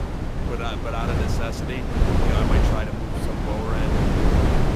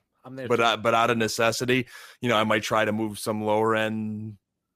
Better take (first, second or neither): second